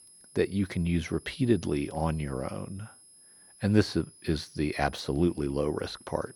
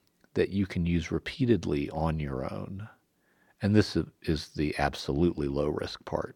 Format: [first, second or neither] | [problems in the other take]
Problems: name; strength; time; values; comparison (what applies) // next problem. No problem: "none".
second | high-pitched whine; faint; throughout; 10.5 kHz, 20 dB below the speech